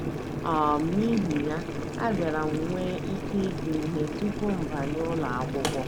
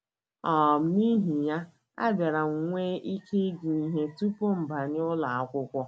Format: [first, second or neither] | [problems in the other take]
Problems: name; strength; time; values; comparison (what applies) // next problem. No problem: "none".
second | background sound (Boiling); 3 dB below the speech